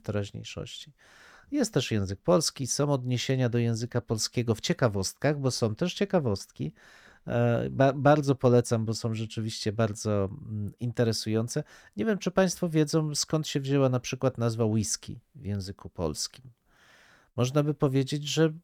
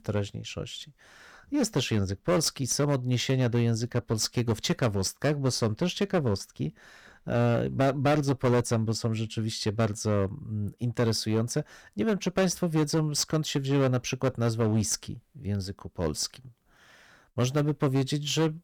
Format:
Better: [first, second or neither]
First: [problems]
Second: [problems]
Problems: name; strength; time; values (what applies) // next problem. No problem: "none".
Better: first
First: none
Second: distortion; slight; 7% of the sound clipped